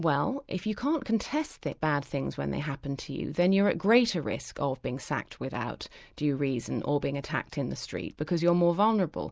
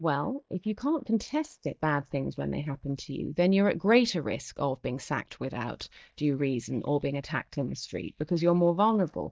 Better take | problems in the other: first | noise reduction (neural mask model DeepFilterNet 3)

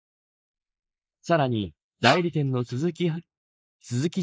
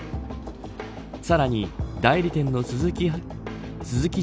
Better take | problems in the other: second | noise reduction (neural mask model Resemble Enhance denoiser)

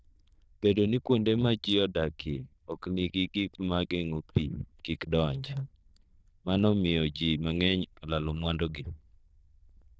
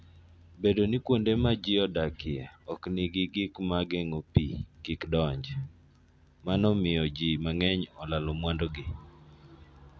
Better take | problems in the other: second | noise reduction (neural diffusion model UNIVERSE++)

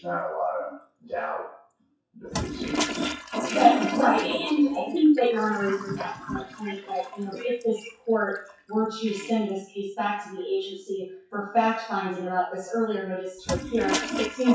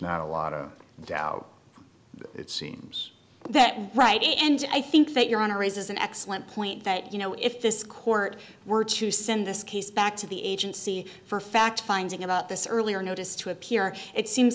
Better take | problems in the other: second | noise reduction (classical method WPE with log-MMSE)

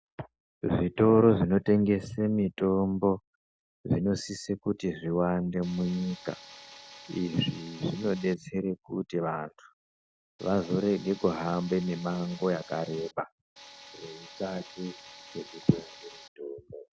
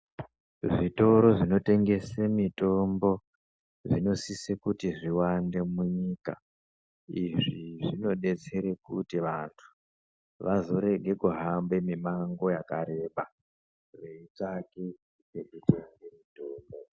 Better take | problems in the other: second | background sound (Tools); 19 dB below the speech

